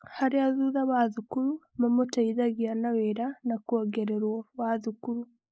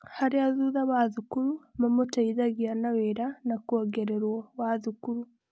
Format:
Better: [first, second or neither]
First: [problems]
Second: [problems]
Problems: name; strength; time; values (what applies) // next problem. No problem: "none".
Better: second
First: noise reduction (neural mask model Resemble Enhance denoiser)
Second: none